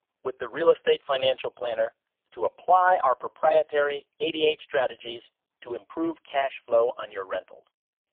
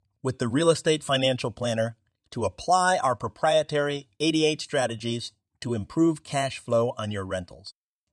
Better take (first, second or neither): second